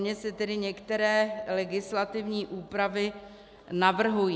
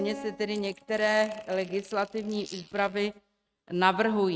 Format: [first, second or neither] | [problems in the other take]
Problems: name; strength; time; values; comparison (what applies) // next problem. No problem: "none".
first | noise reduction (neural mask model RNNoise)